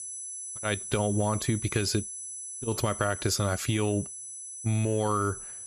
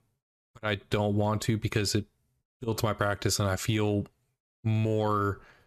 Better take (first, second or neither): second